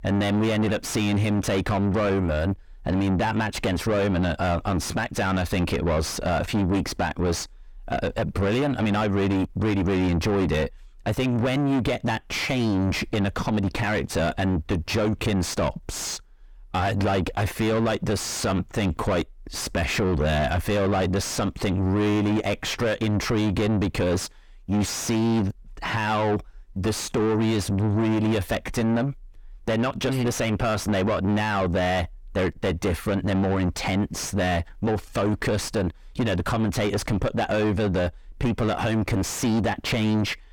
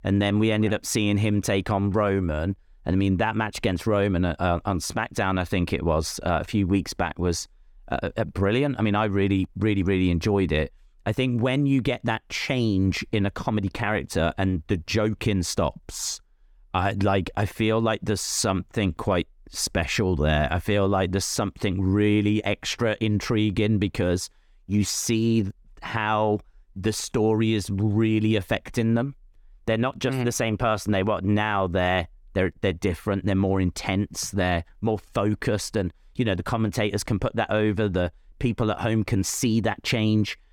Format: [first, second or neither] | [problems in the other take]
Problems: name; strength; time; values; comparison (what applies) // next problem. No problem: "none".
second | distortion; heavy; 4 dB below the speech